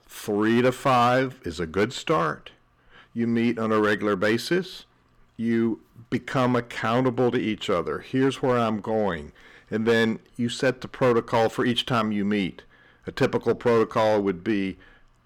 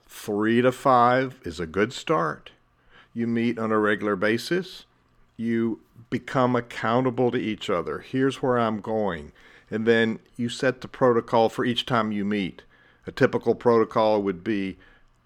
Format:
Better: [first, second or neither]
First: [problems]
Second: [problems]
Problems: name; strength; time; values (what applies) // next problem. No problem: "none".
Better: second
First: distortion; slight; 4% of the sound clipped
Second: none